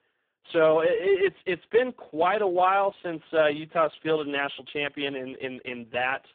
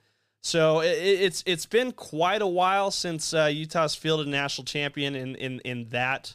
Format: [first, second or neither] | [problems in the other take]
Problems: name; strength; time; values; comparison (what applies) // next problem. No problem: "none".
second | phone-call audio; poor line